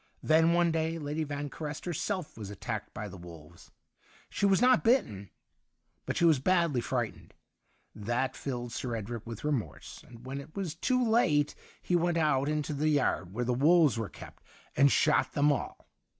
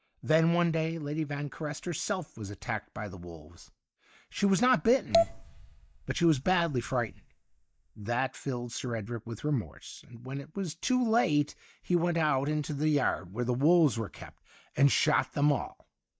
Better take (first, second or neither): first